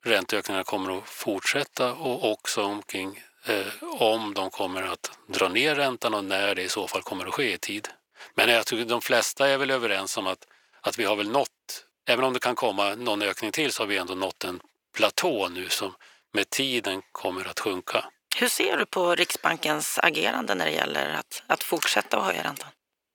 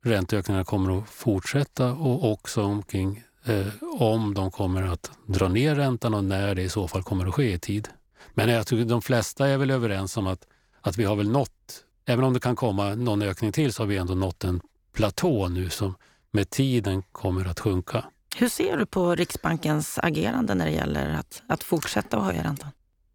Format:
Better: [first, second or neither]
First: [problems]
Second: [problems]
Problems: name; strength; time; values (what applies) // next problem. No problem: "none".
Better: second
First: thin; very; fading below 500 Hz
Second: none